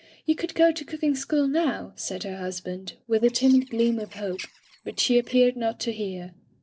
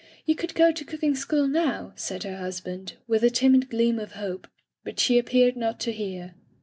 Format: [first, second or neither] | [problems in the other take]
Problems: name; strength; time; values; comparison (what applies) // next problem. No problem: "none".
second | noise reduction (neural separator model SepFormer DNS4)